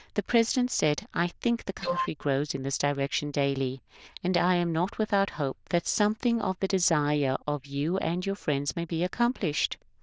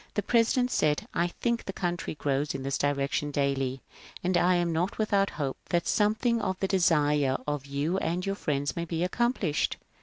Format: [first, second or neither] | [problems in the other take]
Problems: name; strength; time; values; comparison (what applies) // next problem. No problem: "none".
second | noise reduction (neural diffusion model UNIVERSE++)